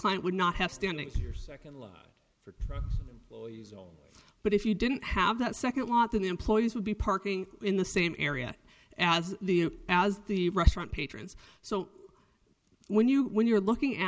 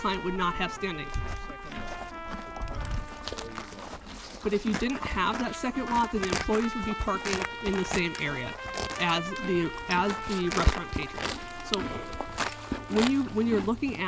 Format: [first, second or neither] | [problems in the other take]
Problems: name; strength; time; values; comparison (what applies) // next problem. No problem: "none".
first | background sound (Livestock, farm animals, working animals + Trumpet); 5 dB below the speech